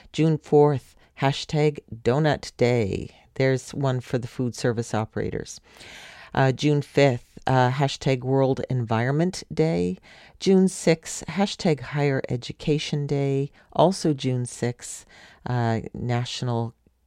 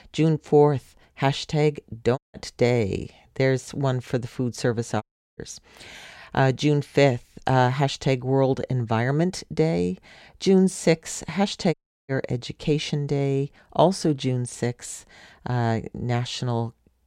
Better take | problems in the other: first | audio cutting out; at 2 s, at 5 s and at 12 s

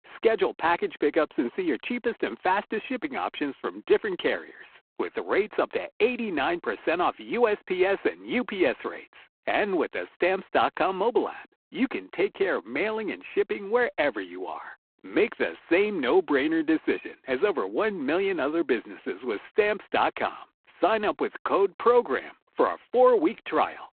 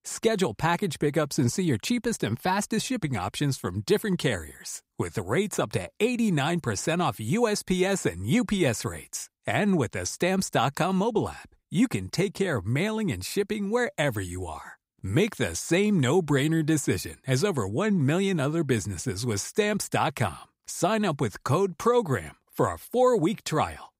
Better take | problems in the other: second | phone-call audio; poor line; nothing above 4 kHz

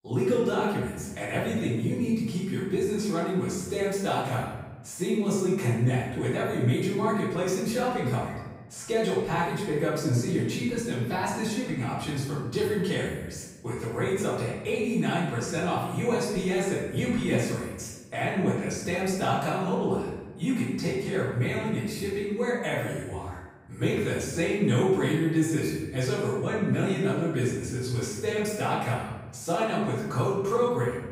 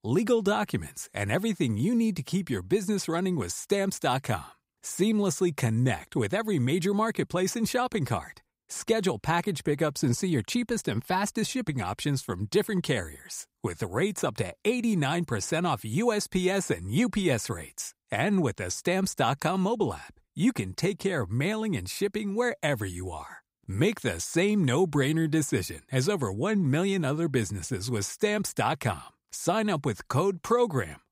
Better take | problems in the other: second | room echo; noticeable; dies away in 1 s // off-mic speech; far

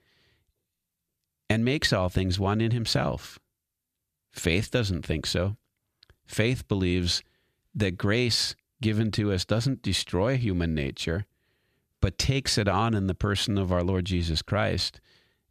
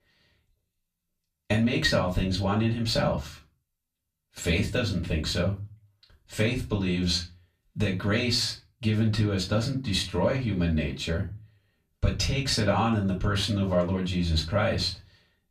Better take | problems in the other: first | off-mic speech; far // room echo; very slight; dies away in 0.2 s

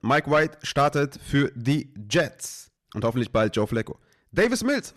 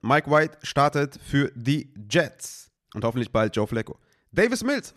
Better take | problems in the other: second | distortion; slight; 10 dB below the speech

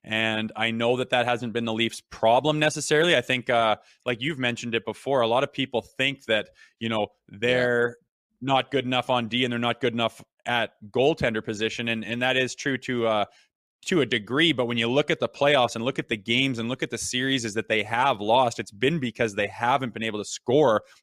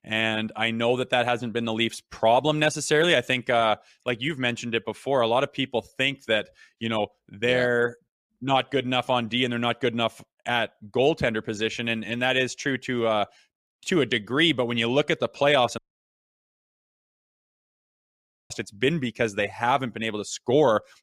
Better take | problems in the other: first | audio cutting out; at 16 s for 2.5 s

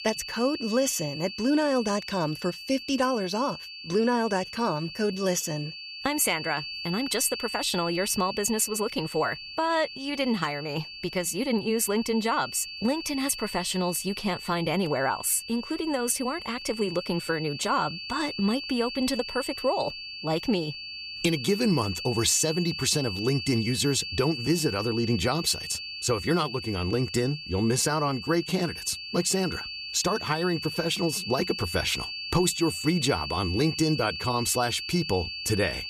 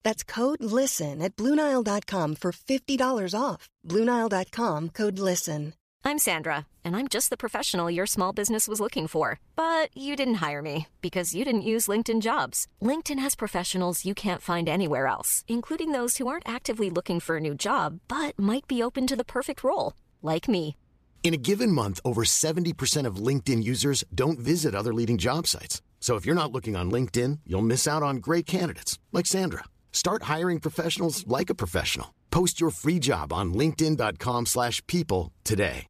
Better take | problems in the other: second | high-pitched whine; loud; throughout; 4.5 kHz, 8 dB below the speech

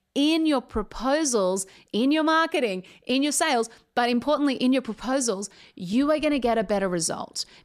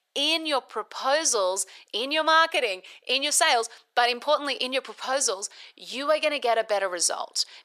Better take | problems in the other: first | thin; very; fading below 550 Hz

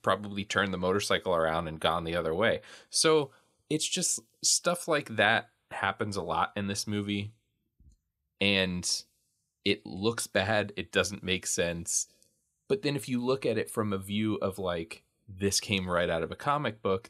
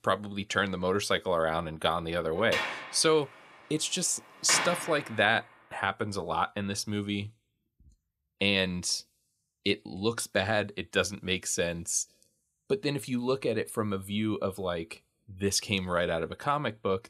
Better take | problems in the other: first | door banging; loud; from 2.5 to 5 s; peak 1 dB above the speech

